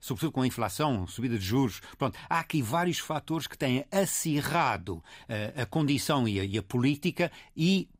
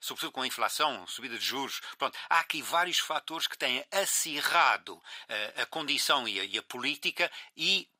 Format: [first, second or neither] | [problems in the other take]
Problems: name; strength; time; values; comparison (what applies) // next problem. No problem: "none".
first | thin; very; fading below 650 Hz